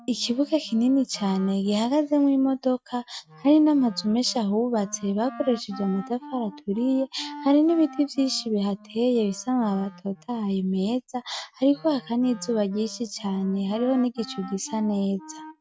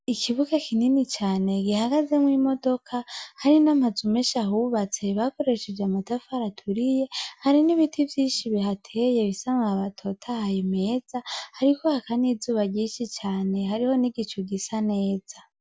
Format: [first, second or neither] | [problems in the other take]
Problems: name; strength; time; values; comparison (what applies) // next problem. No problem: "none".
second | noise reduction (neural mask model RNNoise)